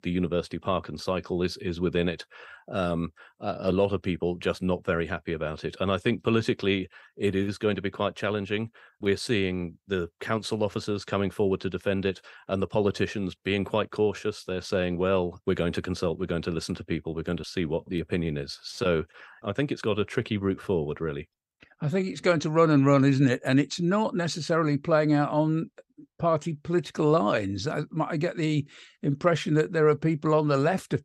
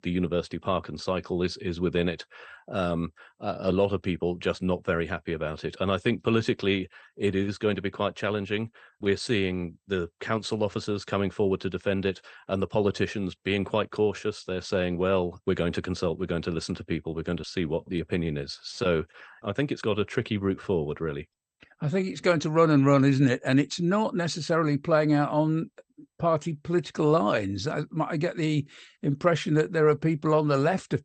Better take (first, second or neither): first